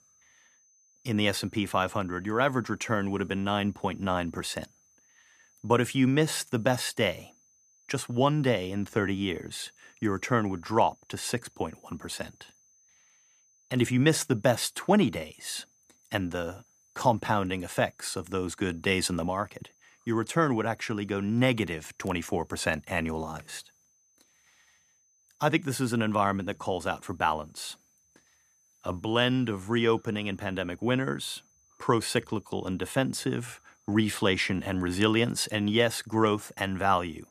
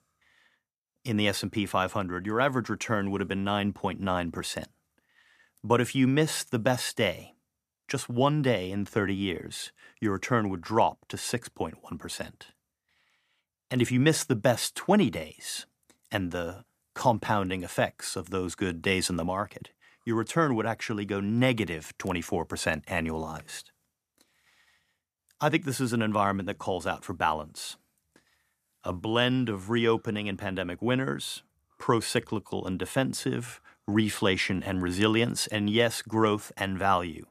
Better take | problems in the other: second | high-pitched whine; faint; throughout; 6 kHz, 35 dB below the speech

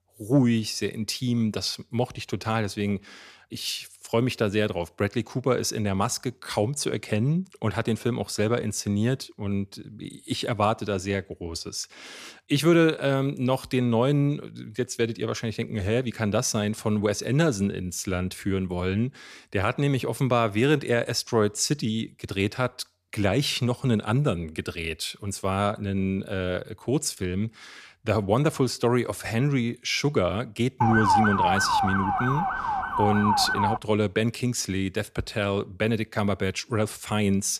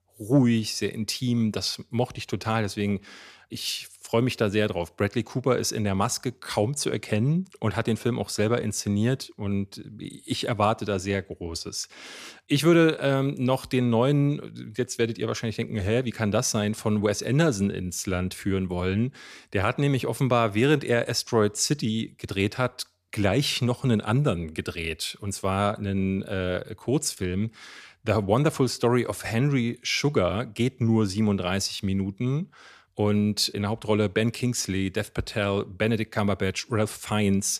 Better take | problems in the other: second | siren; loud; from 31 to 34 s; peak 5 dB above the speech

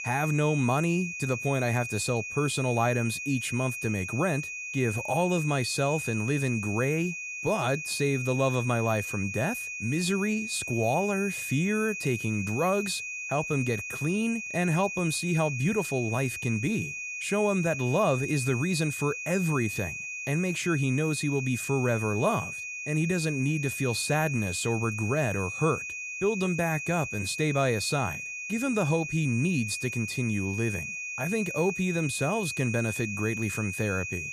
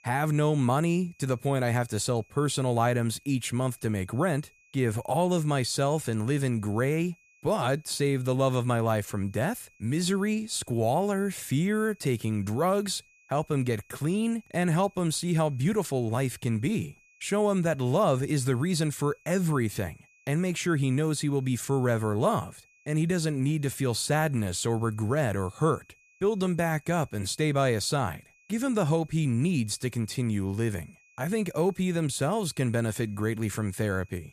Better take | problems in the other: second | high-pitched whine; loud; throughout; 2.5 kHz, 5 dB below the speech; faint in the second

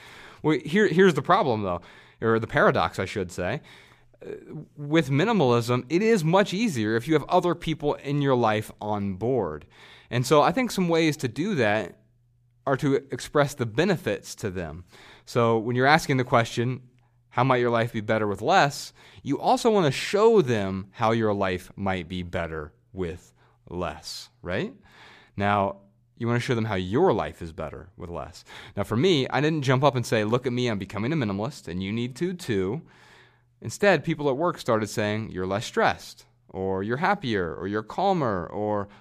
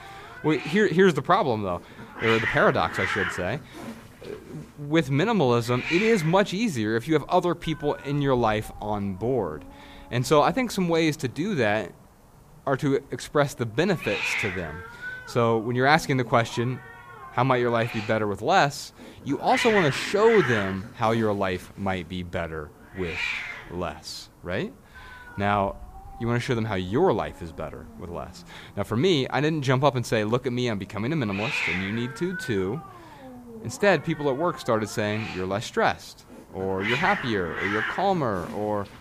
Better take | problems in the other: first | hiss; loud; throughout; 7 dB below the speech

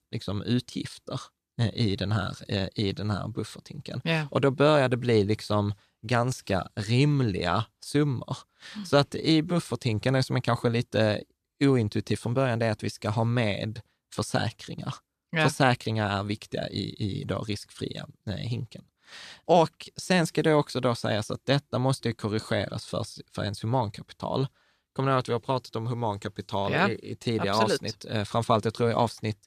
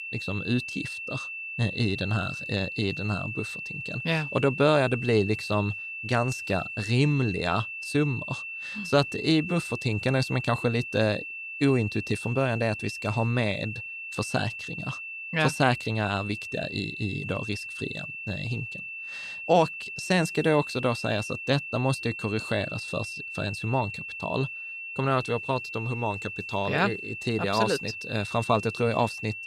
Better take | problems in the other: first | high-pitched whine; loud; throughout; 2.5 kHz, 7 dB below the speech

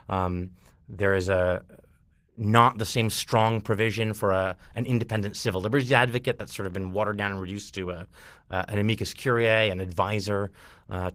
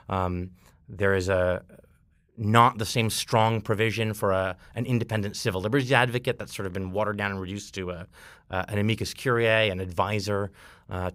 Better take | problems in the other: second | garbled, watery; slightly; nothing above 15.5 kHz

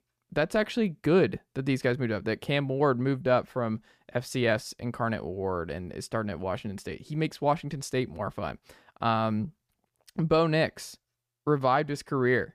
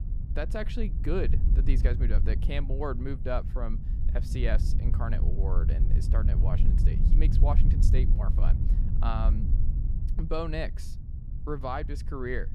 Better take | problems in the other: first | low rumble; loud; throughout; 9 dB below the speech

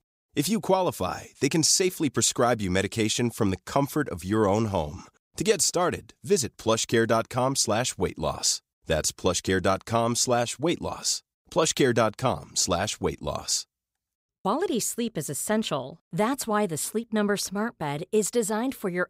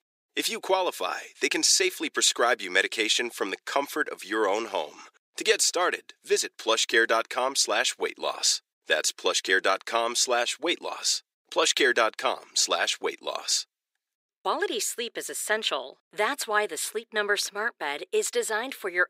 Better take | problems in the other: first | thin; very; fading below 350 Hz

